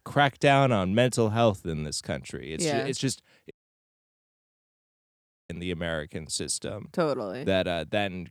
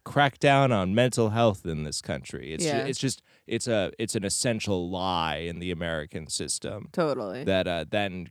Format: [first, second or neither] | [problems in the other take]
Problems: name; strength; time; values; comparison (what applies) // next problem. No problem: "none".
second | audio cutting out; at 3.5 s for 2 s